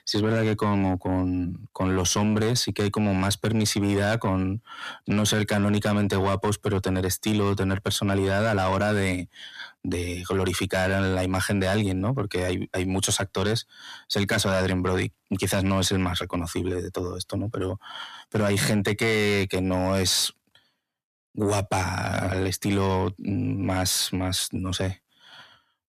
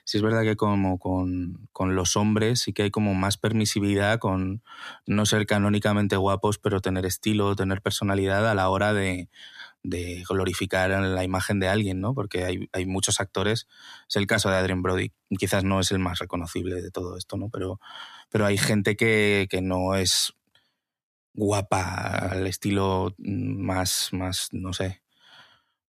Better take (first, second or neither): second